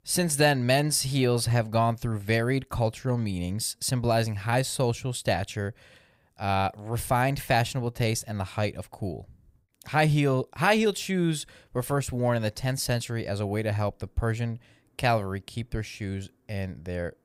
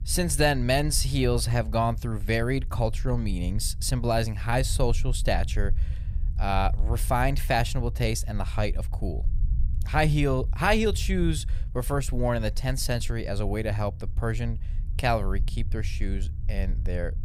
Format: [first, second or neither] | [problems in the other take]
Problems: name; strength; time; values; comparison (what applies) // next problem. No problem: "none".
first | low rumble; faint; throughout; 25 dB below the speech